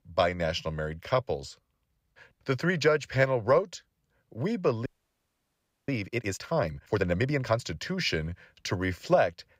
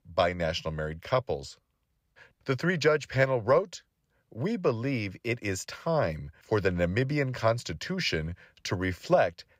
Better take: second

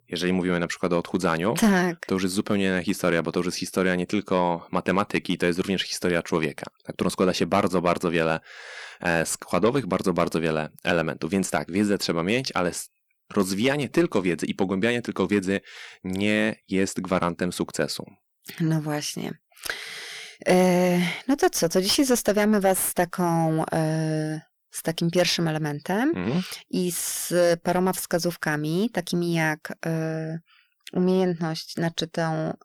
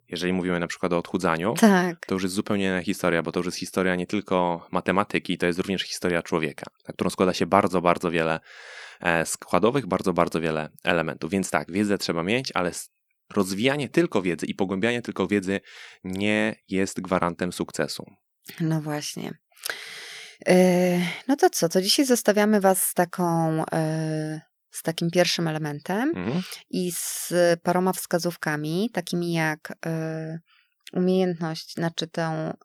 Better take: second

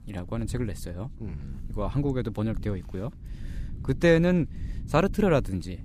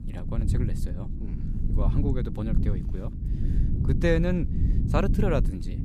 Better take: first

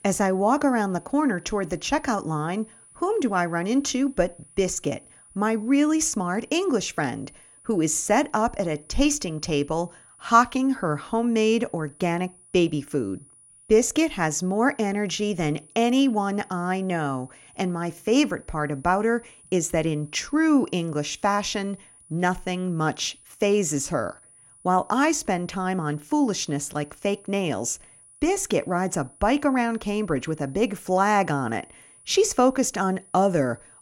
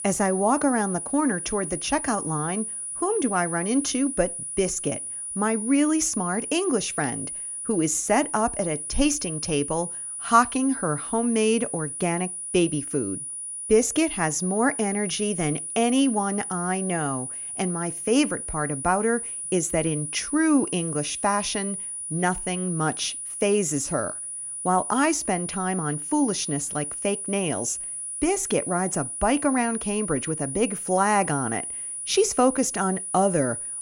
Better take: first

